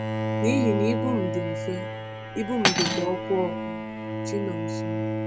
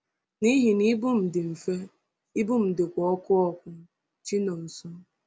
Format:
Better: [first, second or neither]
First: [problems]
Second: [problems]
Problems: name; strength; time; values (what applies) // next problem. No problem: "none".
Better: second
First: background sound (Bowed string instrument + Cutlery, silverware); 2 dB above the speech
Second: none